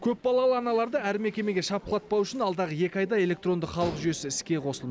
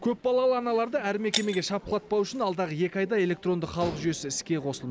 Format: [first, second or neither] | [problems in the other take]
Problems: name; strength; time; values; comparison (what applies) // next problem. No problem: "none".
first | background sound (Shatter); 13 dB below the speech